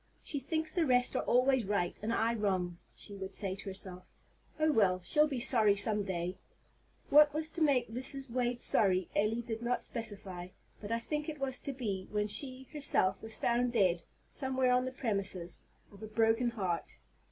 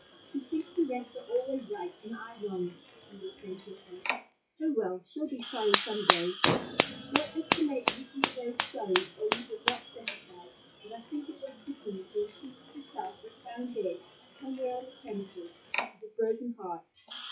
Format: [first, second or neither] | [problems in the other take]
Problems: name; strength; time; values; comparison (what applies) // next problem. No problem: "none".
first | noise reduction (classical method WPE with log-MMSE)